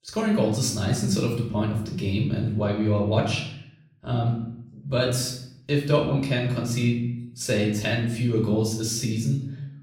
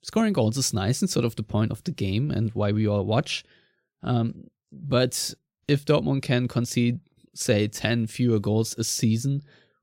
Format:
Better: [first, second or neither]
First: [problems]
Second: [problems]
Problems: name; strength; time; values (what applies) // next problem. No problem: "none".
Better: second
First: off-mic speech; far // room echo; noticeable; dies away in 0.6 s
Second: none